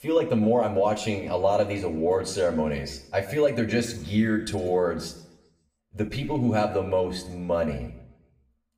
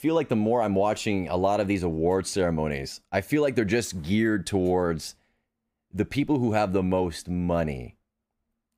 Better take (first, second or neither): second